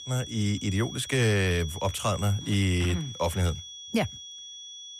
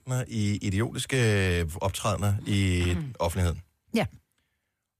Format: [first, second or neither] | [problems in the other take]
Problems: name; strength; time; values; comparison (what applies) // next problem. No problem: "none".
second | high-pitched whine; noticeable; throughout; 3.5 kHz, 10 dB below the speech